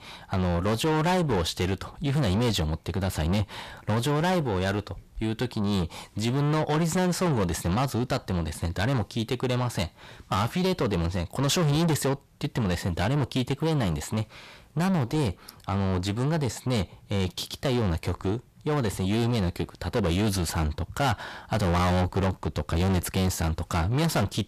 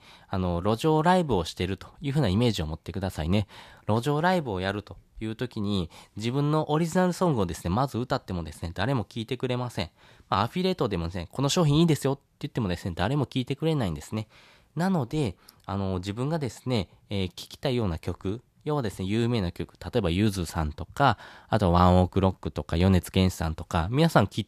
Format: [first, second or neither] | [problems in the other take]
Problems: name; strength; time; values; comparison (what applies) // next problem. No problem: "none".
second | distortion; heavy; 6 dB below the speech